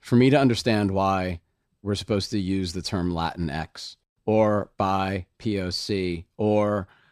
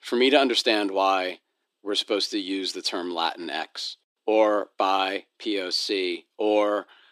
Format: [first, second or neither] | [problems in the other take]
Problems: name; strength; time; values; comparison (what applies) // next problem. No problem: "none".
first | thin; somewhat; fading below 300 Hz